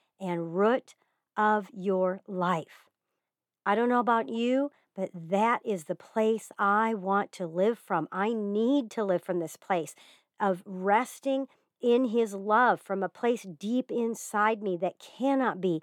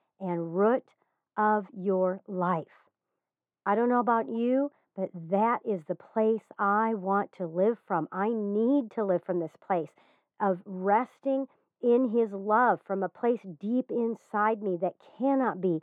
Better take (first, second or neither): first